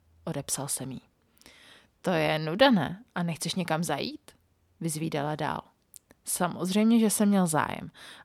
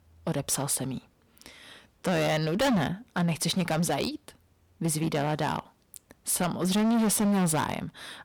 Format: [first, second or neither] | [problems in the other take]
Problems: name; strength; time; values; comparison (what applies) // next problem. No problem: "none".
first | distortion; heavy; 13% of the sound clipped